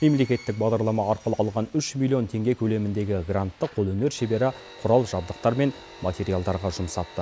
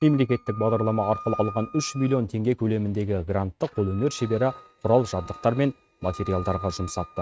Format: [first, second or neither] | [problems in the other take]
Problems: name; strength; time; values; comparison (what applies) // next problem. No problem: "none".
first | noise reduction (neural mask model RNNoise)